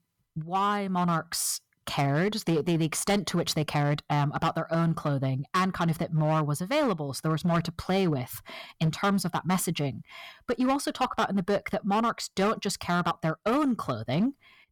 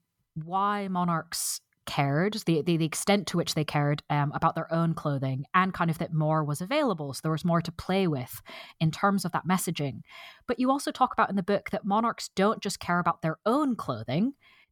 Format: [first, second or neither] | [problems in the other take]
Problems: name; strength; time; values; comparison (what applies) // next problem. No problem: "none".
second | distortion; slight; 9% of the sound clipped